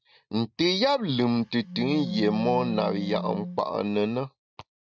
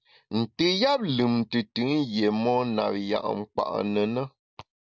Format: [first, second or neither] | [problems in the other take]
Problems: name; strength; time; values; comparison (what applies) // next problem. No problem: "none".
second | noise reduction (neural mask model RNNoise)